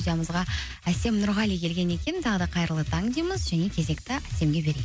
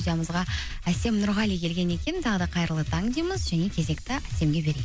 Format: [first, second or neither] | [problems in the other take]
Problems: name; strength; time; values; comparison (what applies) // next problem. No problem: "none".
first | background sound (Keys jangling); 14 dB below the speech